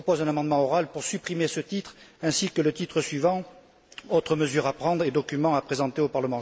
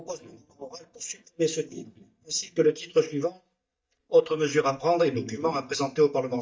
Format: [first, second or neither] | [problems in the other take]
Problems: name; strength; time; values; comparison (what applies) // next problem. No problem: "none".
first | noise reduction (neural mask model DeepFilterNet 3)